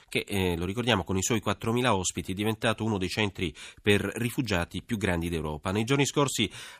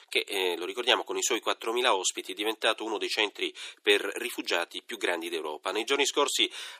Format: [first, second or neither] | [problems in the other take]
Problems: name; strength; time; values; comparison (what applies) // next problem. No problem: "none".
first | thin; very; fading below 350 Hz